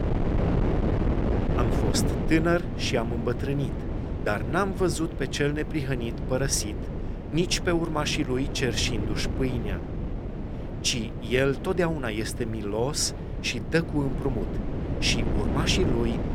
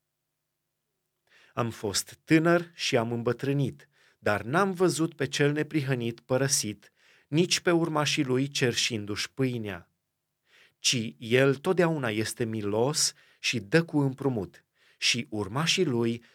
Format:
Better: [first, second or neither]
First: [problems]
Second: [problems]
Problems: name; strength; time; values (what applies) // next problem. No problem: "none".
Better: second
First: wind noise on the microphone; heavy; 7 dB below the speech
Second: none